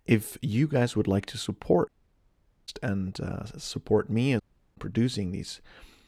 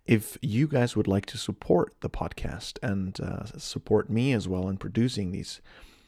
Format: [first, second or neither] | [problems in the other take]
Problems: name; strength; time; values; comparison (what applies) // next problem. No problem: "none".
second | audio cutting out; at 2 s for 1 s and at 4.5 s